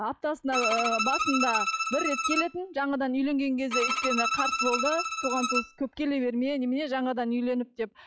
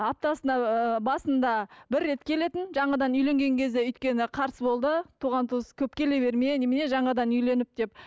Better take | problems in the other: second | noise reduction (classical method log-MMSE)

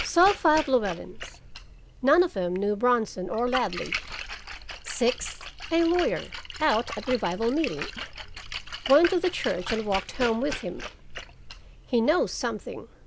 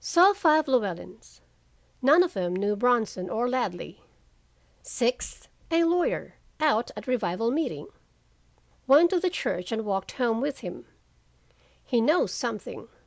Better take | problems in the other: second | background sound (Splash, splatter); 11 dB below the speech

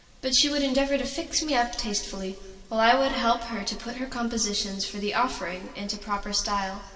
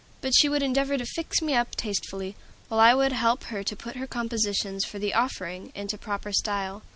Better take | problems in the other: second | room echo; dies away in 2.1 s

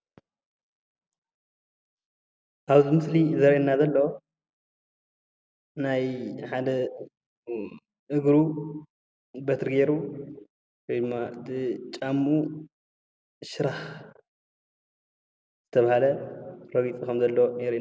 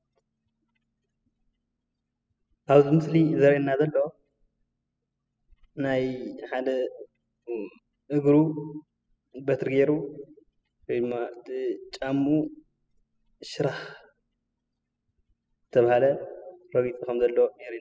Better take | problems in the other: first | noise reduction (classical method spectral subtraction)

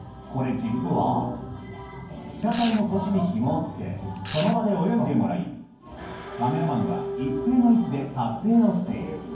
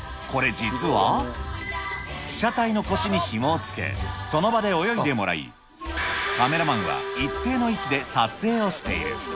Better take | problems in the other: second | background sound (Domestic sounds, home sounds); 15 dB below the speech // room echo; dies away in 0.9 s

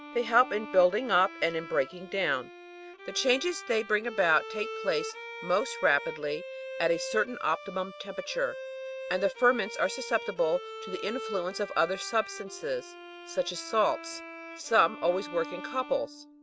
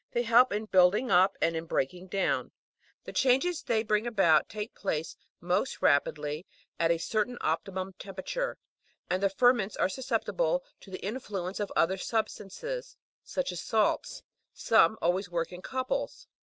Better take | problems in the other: second | background sound (Bowed string instrument); 12 dB below the speech

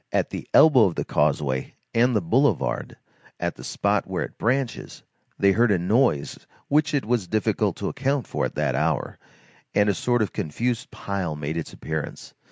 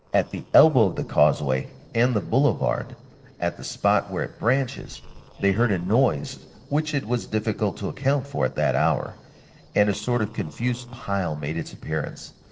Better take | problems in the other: first | noise reduction (neural separator model SepFormer DNS4)

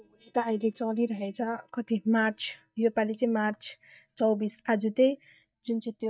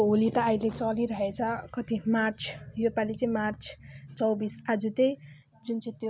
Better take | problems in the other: second | noise reduction (neural mask model DeepFilterNet 3)

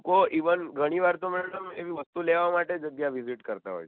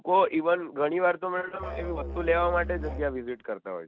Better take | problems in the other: first | background sound (Musical instrument); 8 dB below the speech

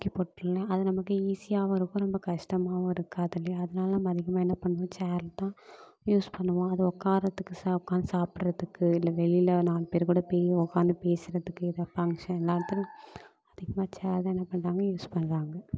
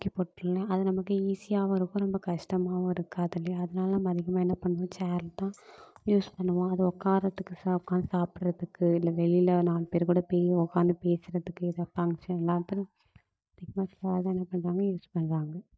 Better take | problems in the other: first | noise reduction (neural mask model DeepFilterNet 3)

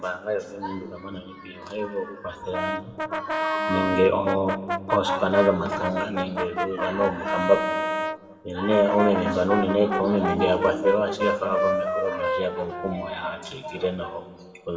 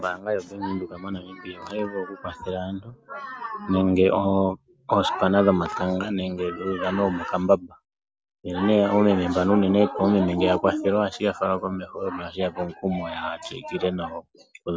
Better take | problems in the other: second | background sound (Brass instrument); 4 dB below the speech // room echo; dies away in 1.5 s

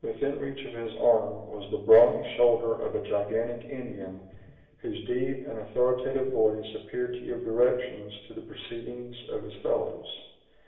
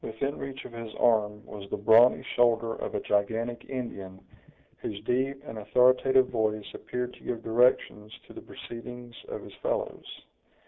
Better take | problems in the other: second | room echo; dies away in 0.8 s

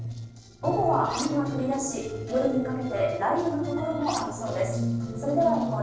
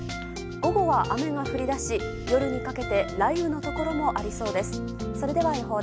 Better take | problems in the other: second | noise reduction (neural separator model SepFormer DNS4)

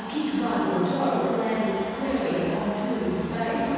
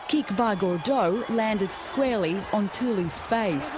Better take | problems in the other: second | room echo; dies away in 2.1 s

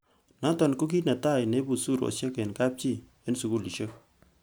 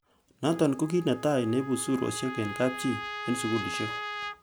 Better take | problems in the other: first | background sound (Trumpet); 9 dB below the speech

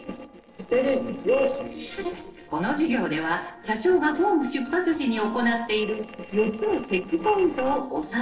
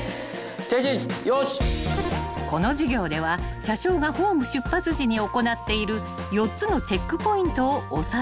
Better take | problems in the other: second | noise reduction (neural separator model SepFormer DNS4)

